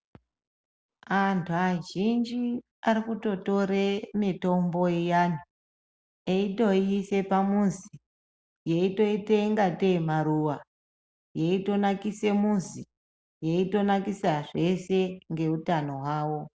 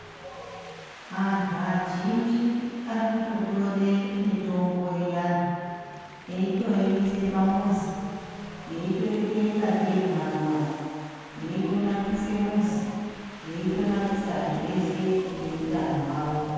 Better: first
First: none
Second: background sound (Wind); 16 dB below the speech // room echo; dies away in 2.1 s

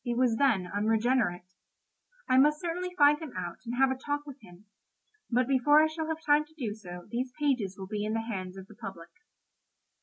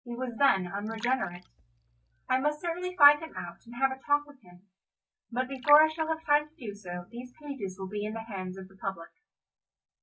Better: first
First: none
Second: noise reduction (neural mask model DeepFilterNet 3)

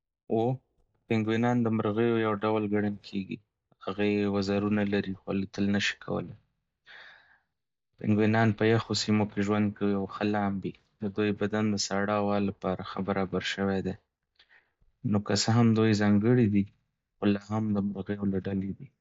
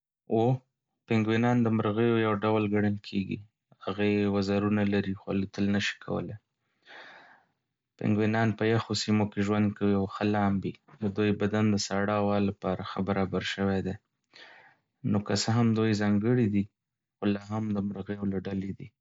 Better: second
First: noise reduction (neural mask model DeepFilterNet 3)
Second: none

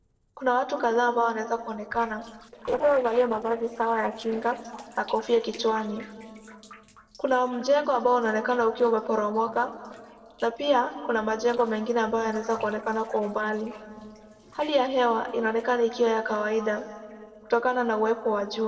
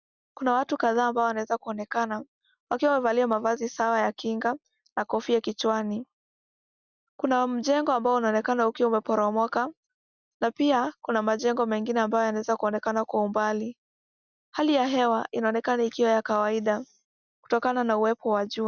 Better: second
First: noise reduction (neural separator model SepFormer DNS4)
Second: none

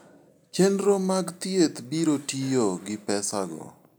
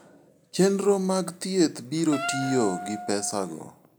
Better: first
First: none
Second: background sound (Wind instrument, woodwind instrument); 10 dB below the speech

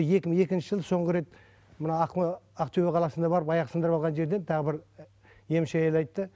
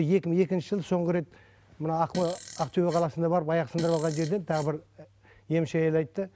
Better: first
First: none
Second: background sound (Fart); 16 dB below the speech

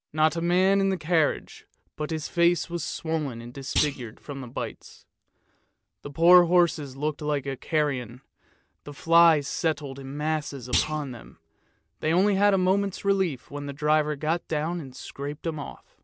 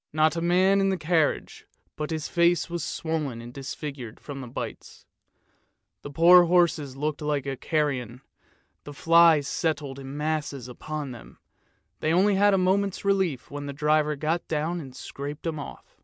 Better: second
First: background sound (Thump, thud); 9 dB below the speech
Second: none

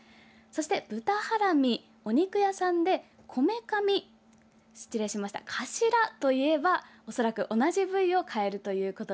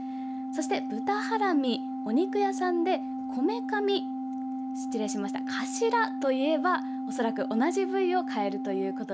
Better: first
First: none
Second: background sound (Organ); 4 dB below the speech

